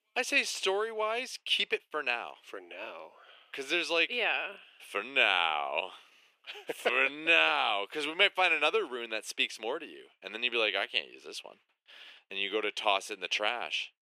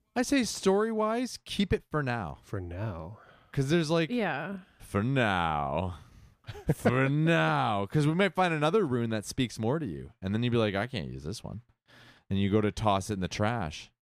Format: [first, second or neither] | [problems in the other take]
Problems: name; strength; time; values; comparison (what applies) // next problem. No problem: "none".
second | thin; very; fading below 400 Hz